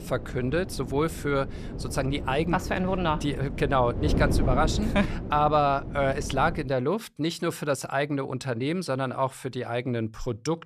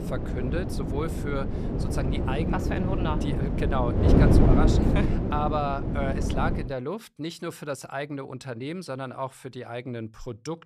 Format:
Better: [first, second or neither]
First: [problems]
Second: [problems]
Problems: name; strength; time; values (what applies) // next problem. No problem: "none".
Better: first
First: wind noise on the microphone; occasional gusts; until 6.5 s; 10 dB below the speech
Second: wind noise on the microphone; heavy; until 6.5 s; as loud as the speech